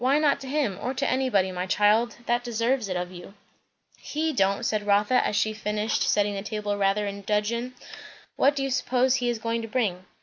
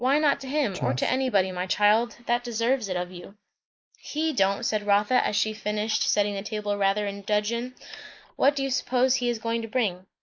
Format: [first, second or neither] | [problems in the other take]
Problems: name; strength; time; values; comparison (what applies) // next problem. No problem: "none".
first | noise reduction (neural mask model Resemble Enhance denoiser)